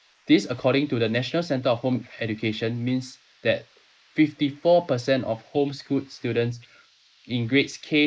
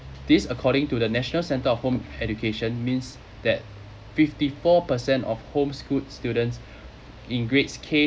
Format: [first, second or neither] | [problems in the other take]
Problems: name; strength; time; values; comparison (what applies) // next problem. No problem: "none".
second | noise reduction (neural mask model Resemble Enhance denoiser)